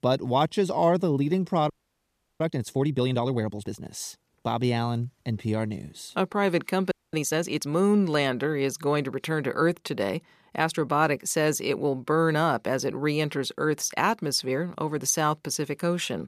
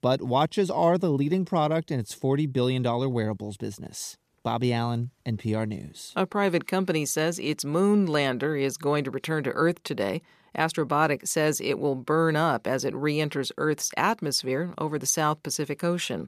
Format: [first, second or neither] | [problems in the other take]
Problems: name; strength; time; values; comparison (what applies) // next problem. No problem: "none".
second | audio freezing; at 1.5 s for 0.5 s and at 7 s